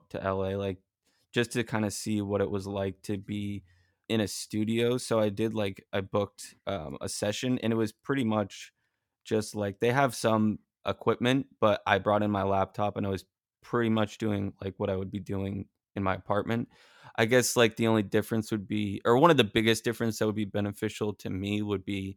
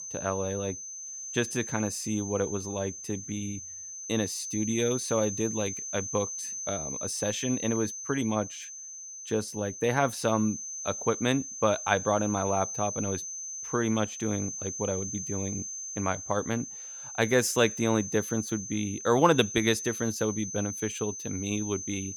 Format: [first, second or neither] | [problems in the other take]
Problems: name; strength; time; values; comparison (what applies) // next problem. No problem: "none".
first | high-pitched whine; loud; throughout; 6 kHz, 6 dB below the speech